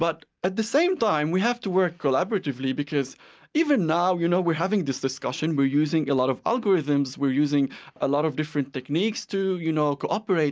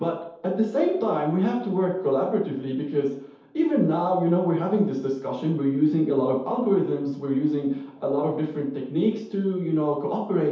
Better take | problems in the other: first | room echo; dies away in 0.8 s

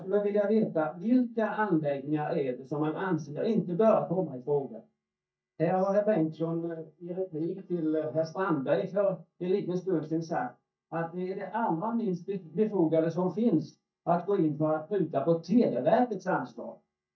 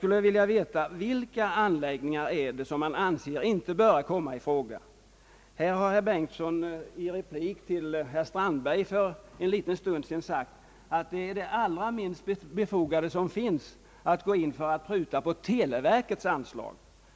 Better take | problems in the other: second | noise reduction (neural mask model DeepFilterNet 3)

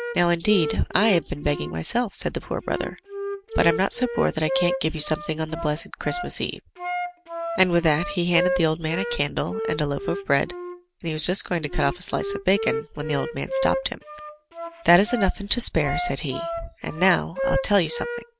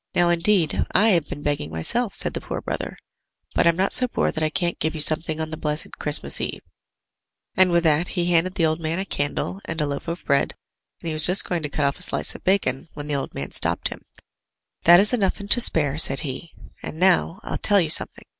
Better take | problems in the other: second | background sound (Wind instrument, woodwind instrument); 7 dB below the speech

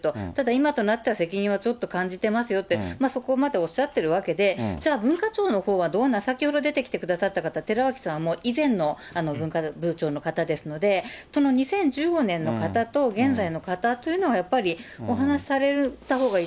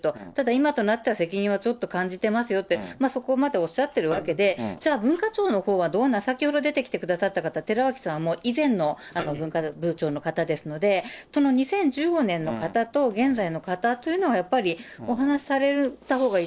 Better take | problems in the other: first | noise reduction (neural separator model SepFormer DNS4)

